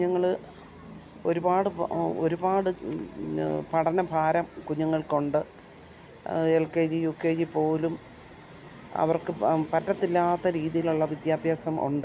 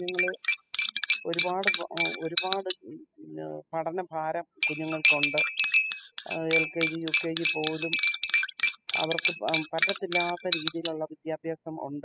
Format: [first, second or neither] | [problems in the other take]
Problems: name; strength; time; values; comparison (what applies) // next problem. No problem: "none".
first | noise reduction (classical method spectral subtraction)